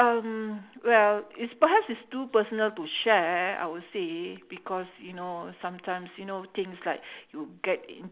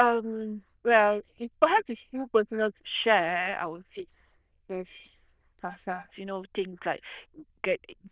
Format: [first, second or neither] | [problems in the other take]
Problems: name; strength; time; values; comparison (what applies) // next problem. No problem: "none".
first | noise reduction (neural diffusion model UNIVERSE++)